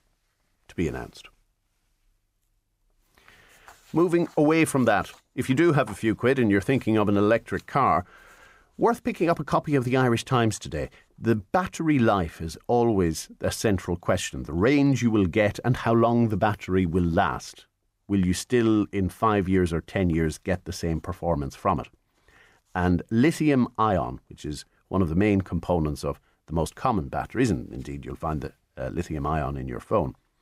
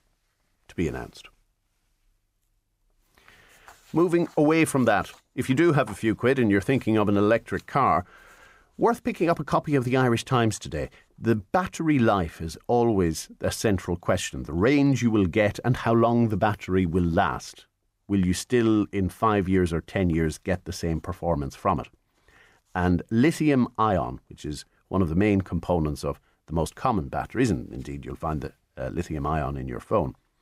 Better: neither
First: none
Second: none

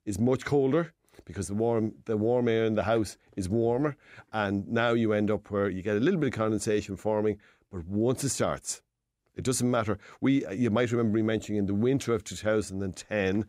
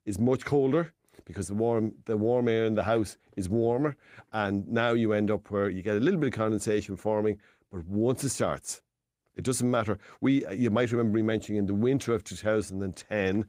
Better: first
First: none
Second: garbled, watery; slightly; nothing above 15.5 kHz

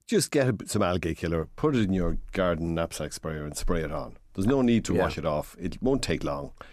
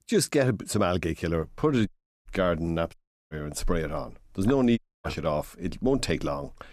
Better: first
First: none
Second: audio cutting out; at 2 s, at 3 s and at 5 s

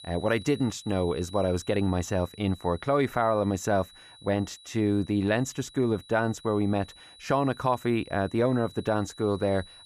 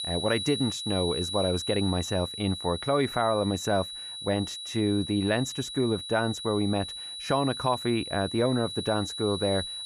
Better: first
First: high-pitched whine; faint; throughout; 4 kHz, 20 dB below the speech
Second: high-pitched whine; loud; throughout; 4 kHz, 6 dB below the speech

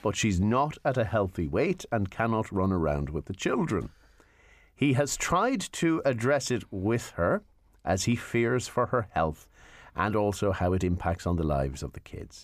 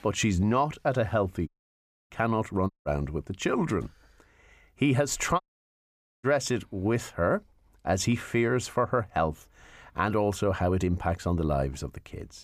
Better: first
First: none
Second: audio cutting out; at 1.5 s for 0.5 s, at 2.5 s and at 5.5 s for 1 s

